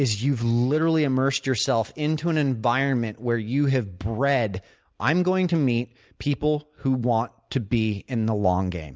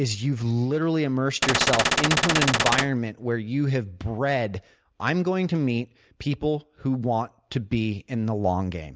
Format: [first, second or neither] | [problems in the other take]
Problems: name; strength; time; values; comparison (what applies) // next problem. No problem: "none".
first | background sound (Gunshot, gunfire); 3 dB above the speech